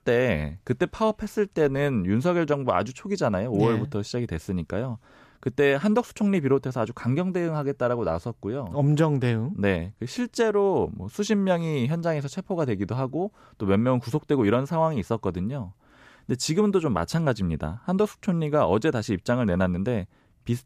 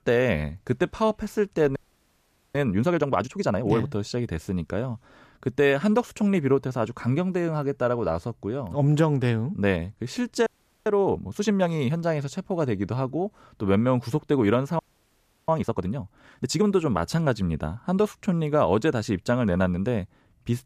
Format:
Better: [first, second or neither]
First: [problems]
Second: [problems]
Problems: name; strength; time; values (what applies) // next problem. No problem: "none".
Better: first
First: none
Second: audio freezing; at 2 s for 1 s, at 10 s and at 15 s for 0.5 s